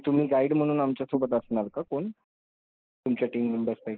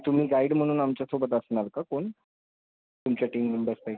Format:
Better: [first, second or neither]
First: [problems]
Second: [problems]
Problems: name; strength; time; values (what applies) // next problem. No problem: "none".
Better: second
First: noise reduction (neural mask model Resemble Enhance denoiser)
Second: none